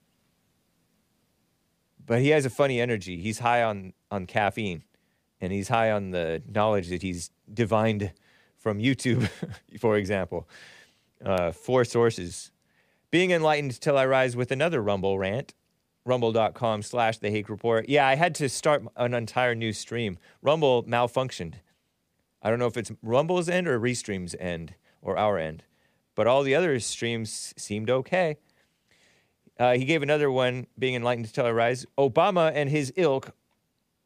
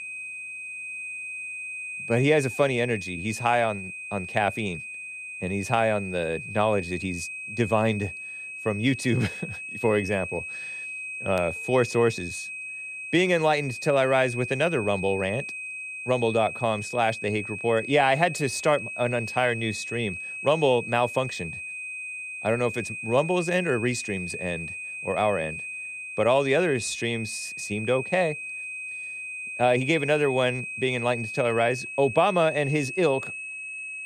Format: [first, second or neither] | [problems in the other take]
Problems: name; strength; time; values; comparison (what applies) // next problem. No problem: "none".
first | high-pitched whine; loud; throughout; 2.5 kHz, 8 dB below the speech